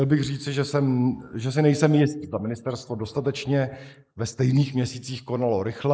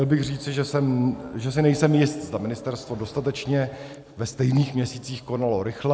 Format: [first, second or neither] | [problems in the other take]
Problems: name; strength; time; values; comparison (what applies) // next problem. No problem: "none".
second | noise reduction (neural mask model Resemble Enhance denoiser)